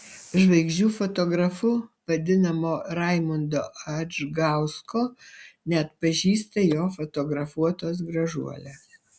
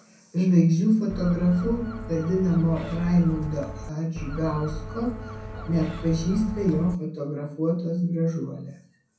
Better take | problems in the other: first | background sound (Gull, seagull); 10 dB below the speech // room echo; dies away in 0.6 s

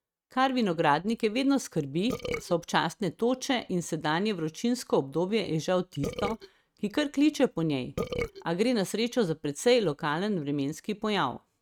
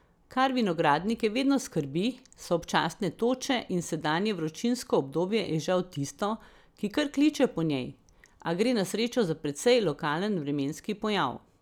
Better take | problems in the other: second | noise reduction (neural mask model RNNoise)

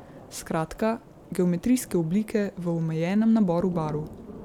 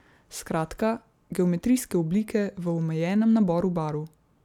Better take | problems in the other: second | background sound (Thunder / Rain); 18 dB below the speech

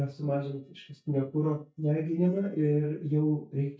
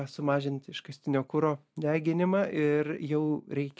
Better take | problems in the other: second | noise reduction (neural mask model DeepFilterNet 3)

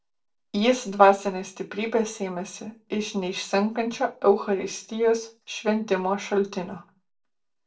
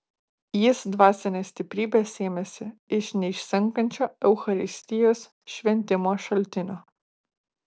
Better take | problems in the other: second | room echo; dies away in 0.2 s

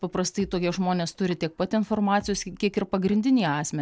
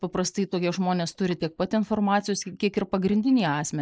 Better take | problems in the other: first | noise reduction (neural mask model Resemble Enhance denoiser)

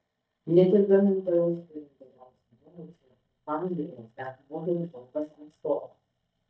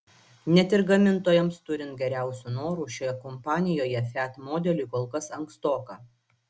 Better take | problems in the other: second | noise reduction (neural mask model DeepFilterNet 3)

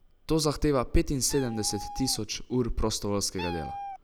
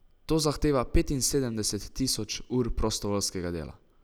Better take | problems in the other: second | background sound (Meow); 13 dB below the speech

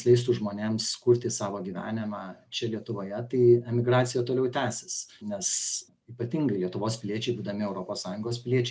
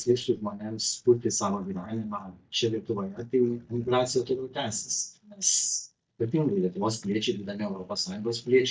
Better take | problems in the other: first | noise reduction (neural mask model DeepFilterNet 3)

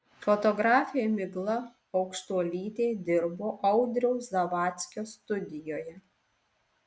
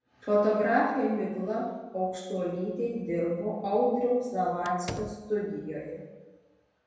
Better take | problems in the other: first | background sound (Slam); 13 dB below the speech // room echo; dies away in 1.2 s

